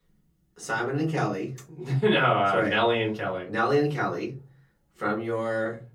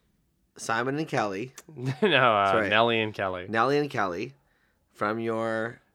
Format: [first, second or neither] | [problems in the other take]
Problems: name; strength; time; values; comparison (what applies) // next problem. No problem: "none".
second | off-mic speech; far // room echo; very slight; dies away in 0.4 s